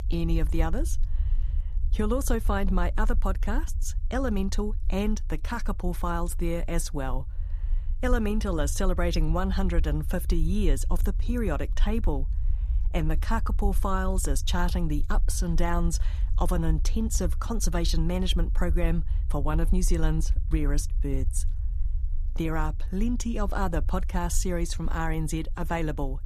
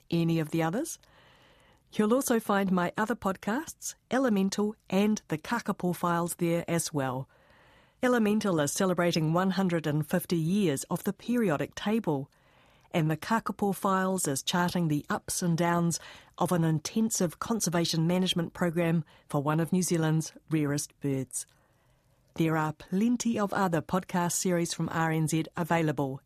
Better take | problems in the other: second | low rumble; faint; throughout; 20 dB below the speech

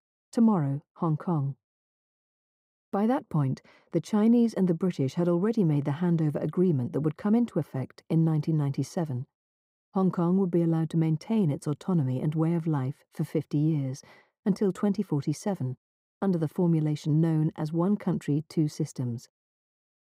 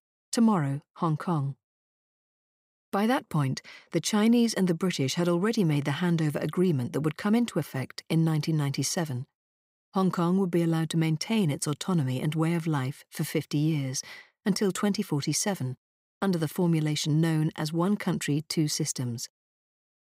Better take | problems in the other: second | muffled; slightly; fading above 1.5 kHz

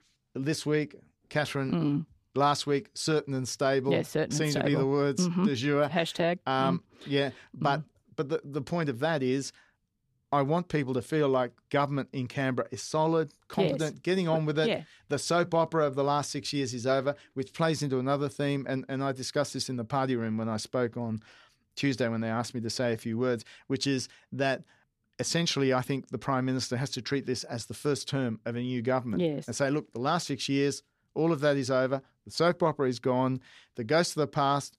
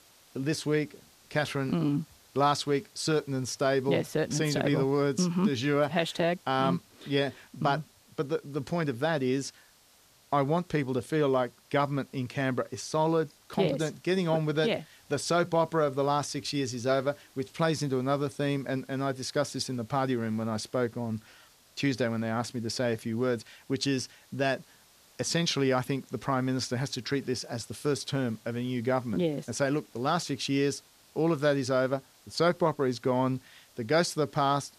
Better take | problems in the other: first | hiss; faint; throughout; 30 dB below the speech

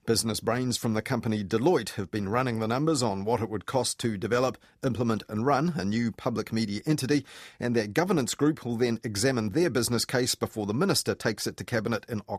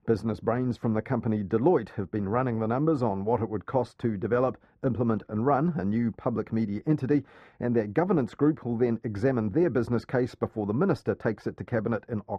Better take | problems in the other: first | muffled; very; fading above 3 kHz

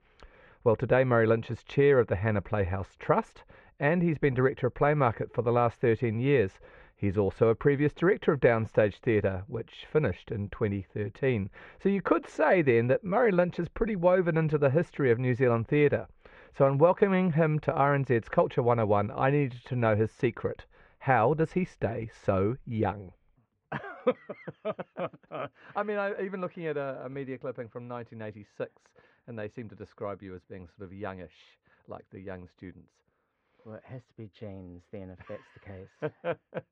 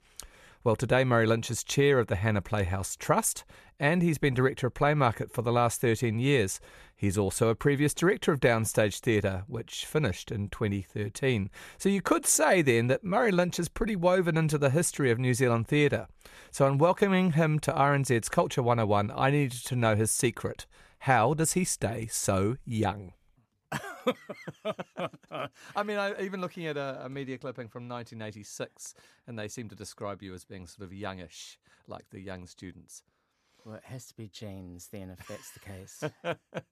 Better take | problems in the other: second | muffled; very; fading above 2.5 kHz

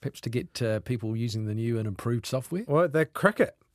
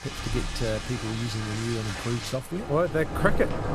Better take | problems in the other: first | rain or running water; loud; throughout; 5 dB below the speech

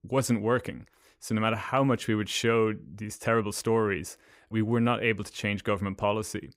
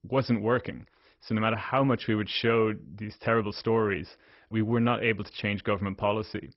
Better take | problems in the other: first | garbled, watery; badly; nothing above 5.5 kHz

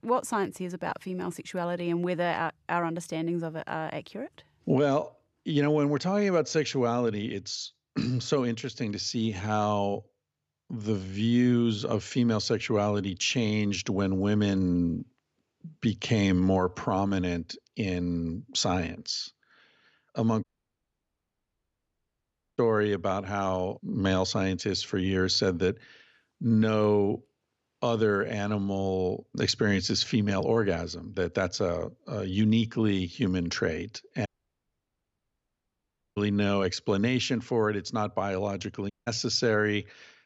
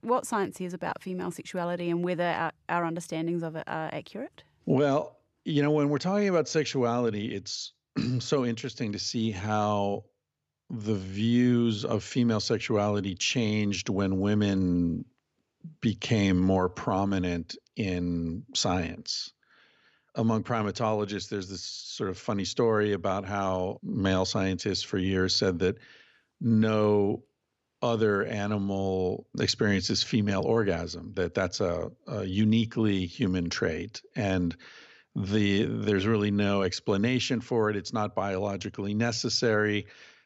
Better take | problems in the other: second | audio cutting out; at 20 s for 2 s, at 34 s for 2 s and at 39 s

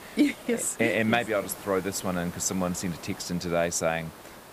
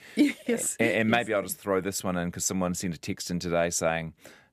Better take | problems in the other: second | hiss; noticeable; throughout; 15 dB below the speech

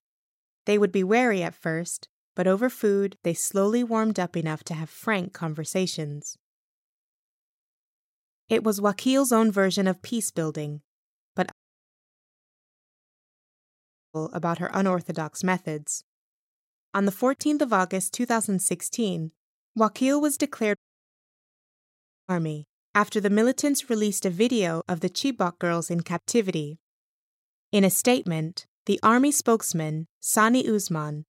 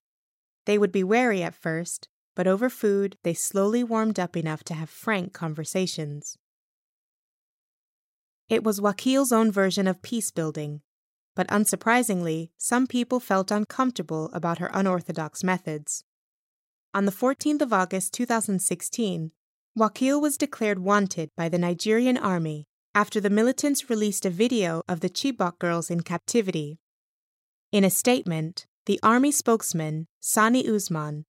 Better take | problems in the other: second | audio cutting out; at 12 s for 2.5 s and at 21 s for 1.5 s

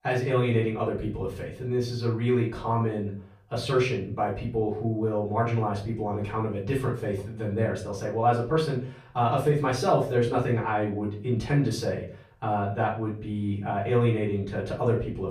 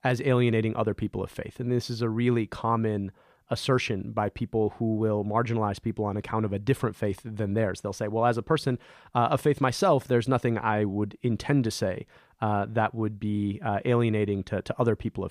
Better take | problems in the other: second | room echo; slight; dies away in 0.4 s // off-mic speech; far

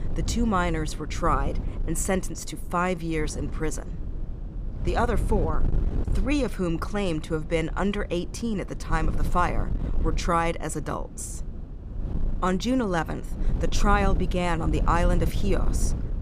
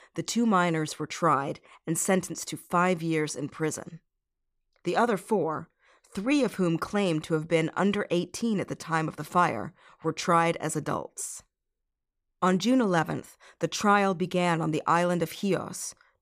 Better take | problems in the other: second | wind noise on the microphone; occasional gusts; 15 dB below the speech

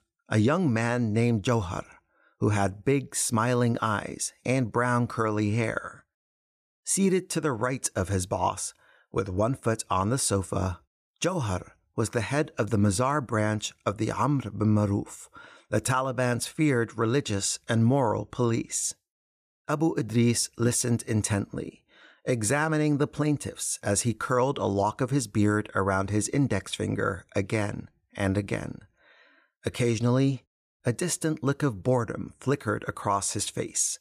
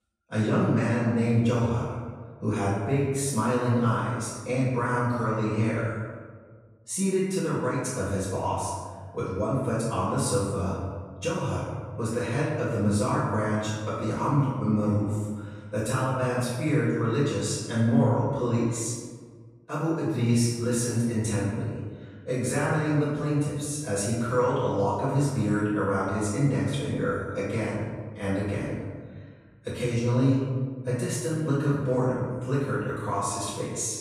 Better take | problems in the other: first | off-mic speech; far // room echo; strong; dies away in 1.4 s

